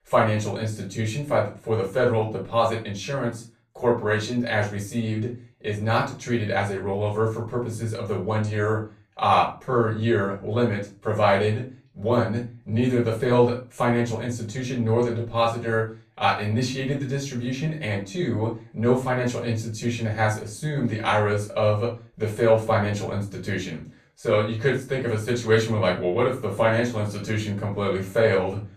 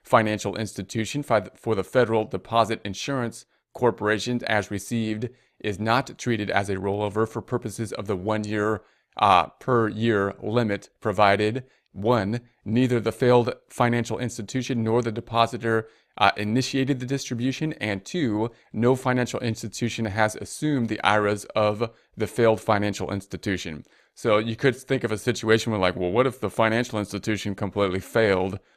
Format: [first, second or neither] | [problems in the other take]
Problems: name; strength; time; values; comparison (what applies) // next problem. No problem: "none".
second | off-mic speech; far // room echo; slight; dies away in 0.3 s